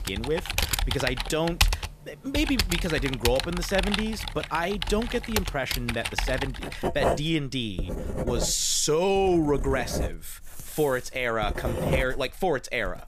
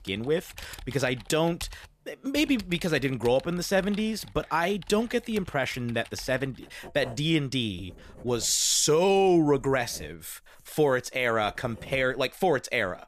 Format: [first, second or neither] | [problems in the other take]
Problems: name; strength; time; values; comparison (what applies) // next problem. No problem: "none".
second | household noises; loud; throughout; 3 dB below the speech; faint in the second